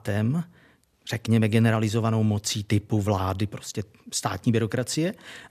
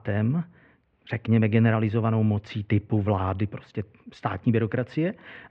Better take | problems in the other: first | muffled; very; fading above 2.5 kHz

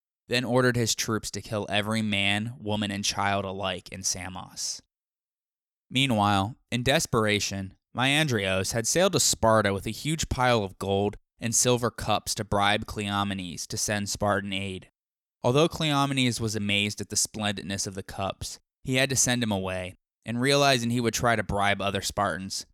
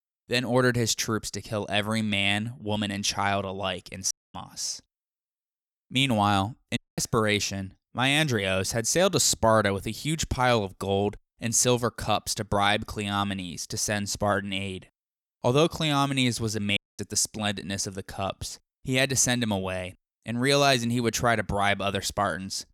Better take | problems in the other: first | audio cutting out; at 4 s, at 7 s and at 17 s

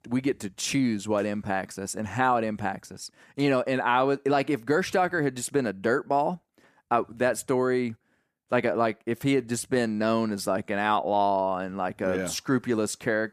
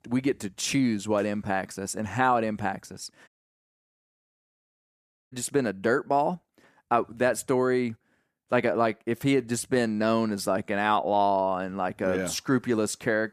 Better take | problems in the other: first | audio cutting out; at 3.5 s for 2 s

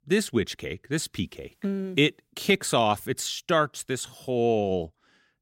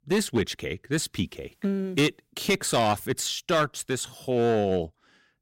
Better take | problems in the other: first | distortion; slight; 6% of the sound clipped

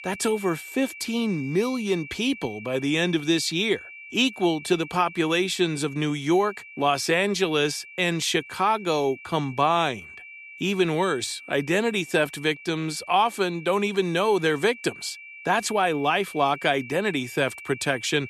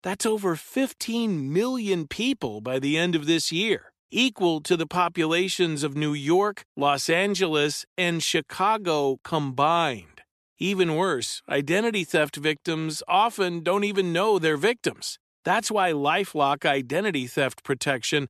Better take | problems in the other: second | high-pitched whine; noticeable; throughout; 2.5 kHz, 15 dB below the speech

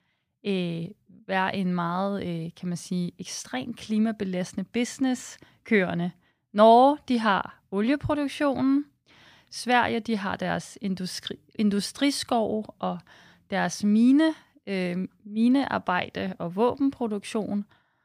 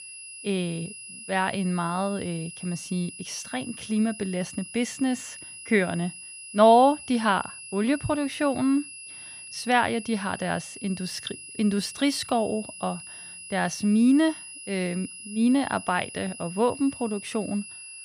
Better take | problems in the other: first | high-pitched whine; noticeable; throughout; 10.5 kHz, 15 dB below the speech

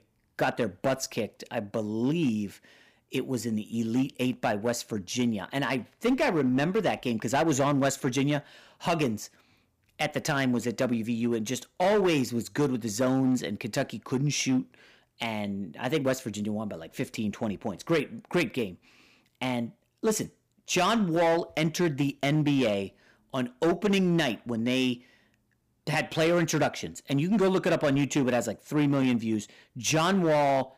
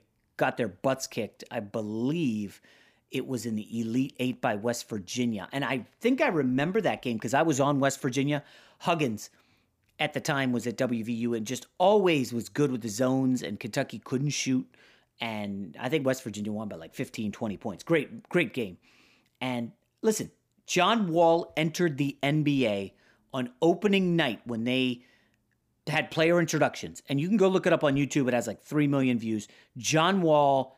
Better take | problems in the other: second | distortion; slight; 7% of the sound clipped

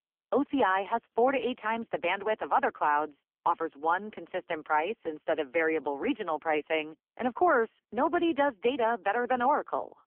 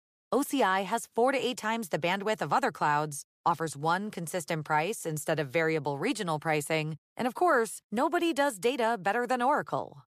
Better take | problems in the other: second | phone-call audio; poor line; nothing above 3 kHz

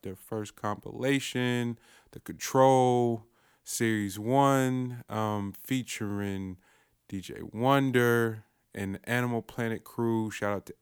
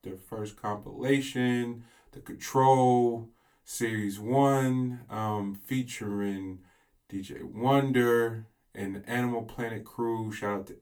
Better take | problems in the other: first | off-mic speech; far // room echo; very slight; dies away in 0.2 s

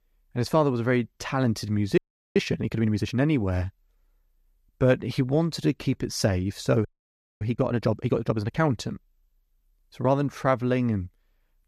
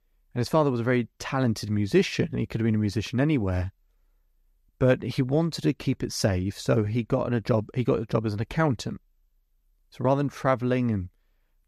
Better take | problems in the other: second | audio freezing; at 2 s and at 7 s for 0.5 s

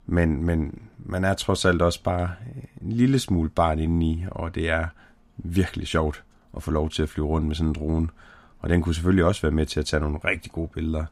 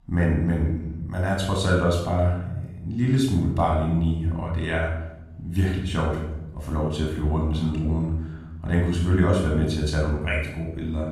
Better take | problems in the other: first | off-mic speech; far // room echo; noticeable; dies away in 0.9 s

